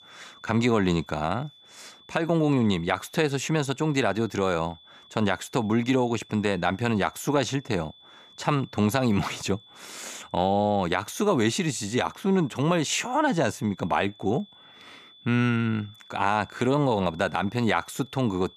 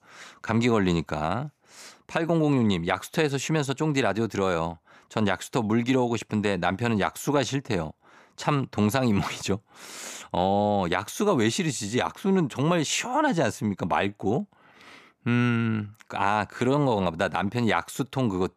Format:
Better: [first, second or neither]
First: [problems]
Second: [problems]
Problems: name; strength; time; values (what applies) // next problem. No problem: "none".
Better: second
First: high-pitched whine; faint; throughout; 3.5 kHz, 25 dB below the speech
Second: none